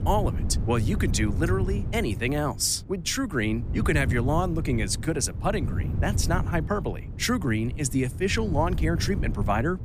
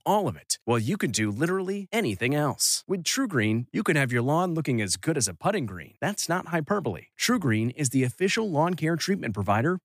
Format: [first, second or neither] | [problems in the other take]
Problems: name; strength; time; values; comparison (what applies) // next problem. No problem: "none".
second | wind noise on the microphone; occasional gusts; 15 dB below the speech